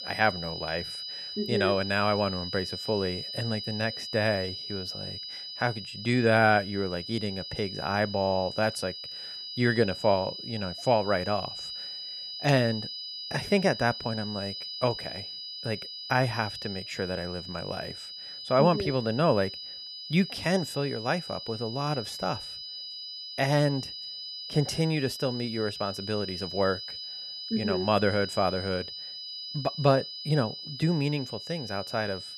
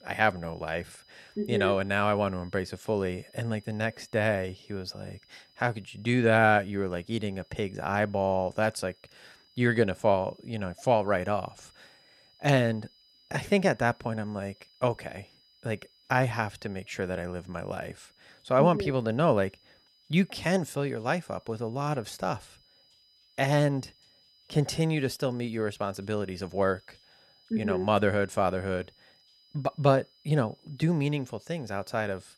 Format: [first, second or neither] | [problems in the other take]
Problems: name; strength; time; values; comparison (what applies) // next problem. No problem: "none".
second | high-pitched whine; loud; throughout; 5 kHz, 8 dB below the speech; faint in the second